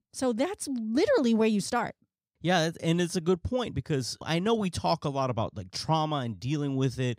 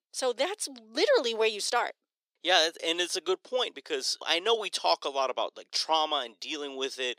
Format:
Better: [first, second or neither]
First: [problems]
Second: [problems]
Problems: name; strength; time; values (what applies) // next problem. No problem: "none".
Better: first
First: none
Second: thin; very; fading below 400 Hz